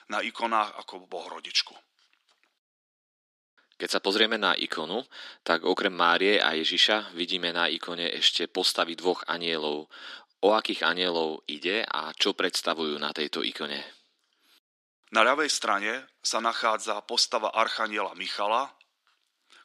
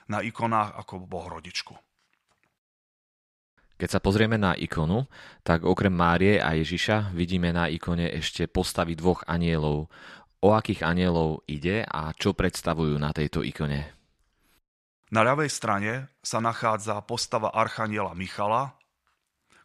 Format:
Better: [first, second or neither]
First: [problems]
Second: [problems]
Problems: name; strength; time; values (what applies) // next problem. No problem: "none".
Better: second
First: thin; somewhat; fading below 250 Hz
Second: none